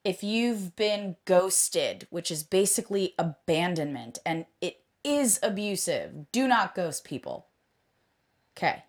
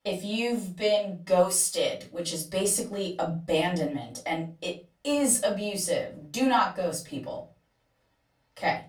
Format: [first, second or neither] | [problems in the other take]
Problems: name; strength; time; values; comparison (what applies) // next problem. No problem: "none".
first | off-mic speech; far // room echo; very slight; dies away in 0.3 s